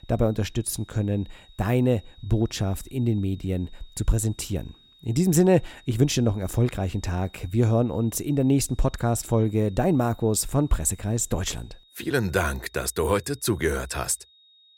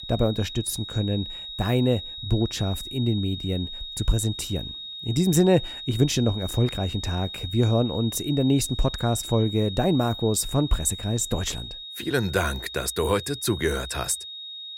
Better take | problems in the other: first | high-pitched whine; loud; throughout; 3.5 kHz, 9 dB below the speech; faint in the first

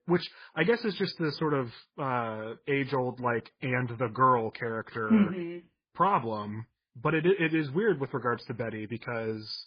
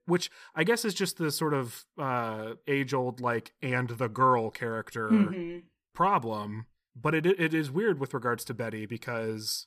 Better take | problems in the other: second | garbled, watery; badly; nothing above 5 kHz

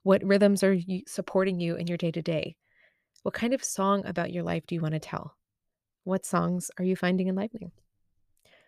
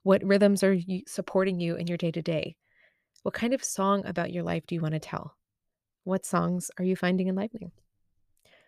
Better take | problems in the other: neither | none

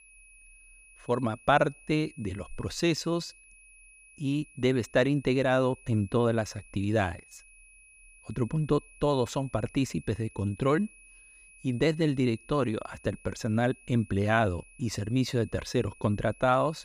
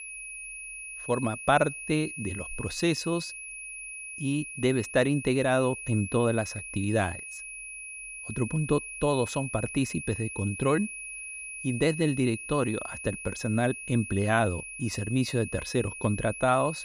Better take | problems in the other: first | high-pitched whine; loud; throughout; 2.5 kHz, 9 dB below the speech; faint in the first

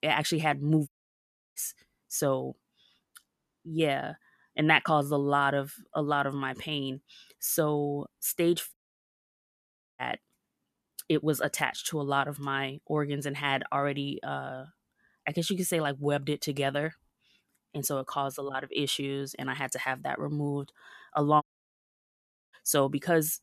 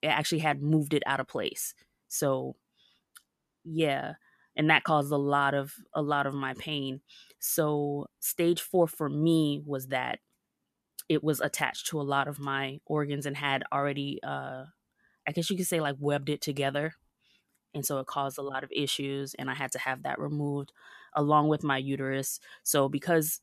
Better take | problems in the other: second | audio cutting out; at 1 s for 0.5 s, at 8.5 s for 1.5 s and at 21 s for 1 s

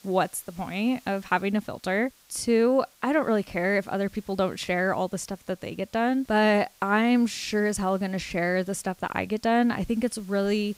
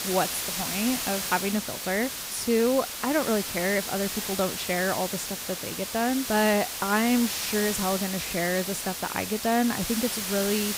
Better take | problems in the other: first | hiss; loud; throughout; 3 dB below the speech; faint in the first

